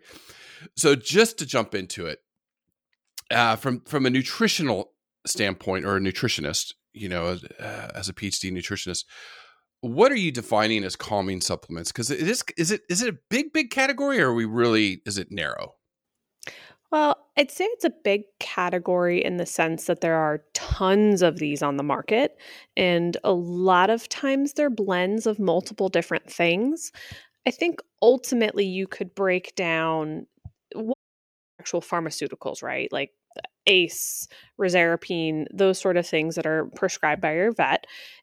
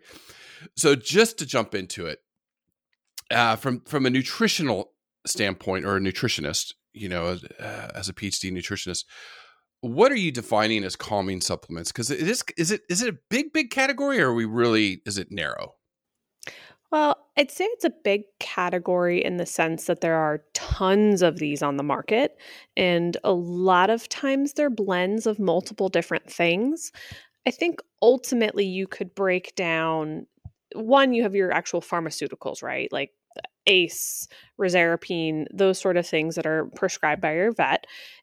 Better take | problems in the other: second | audio cutting out; at 31 s for 0.5 s

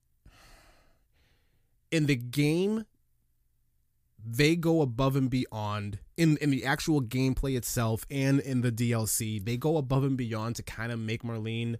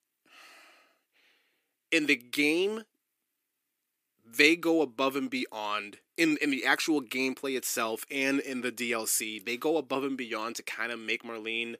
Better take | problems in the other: first | thin; somewhat; fading below 300 Hz

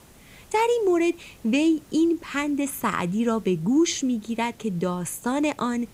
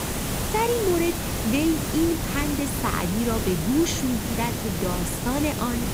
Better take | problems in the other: first | hiss; loud; throughout; 2 dB below the speech; faint in the first

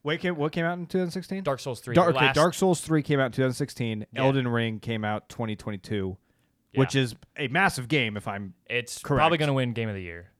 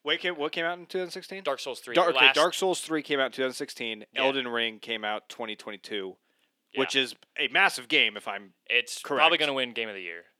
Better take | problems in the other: first | thin; somewhat; fading below 300 Hz

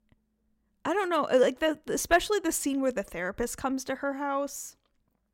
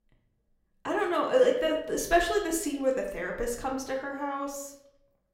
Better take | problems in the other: first | room echo; slight; dies away in 0.6 s // off-mic speech; somewhat distant

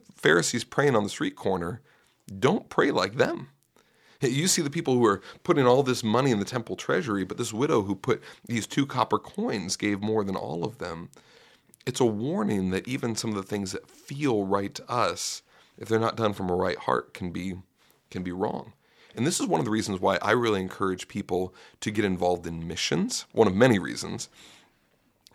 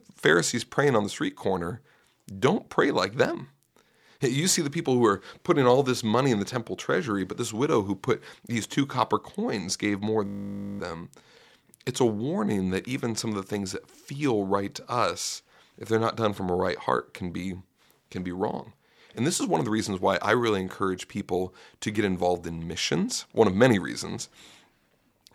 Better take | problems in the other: first | audio freezing; at 10 s for 0.5 s

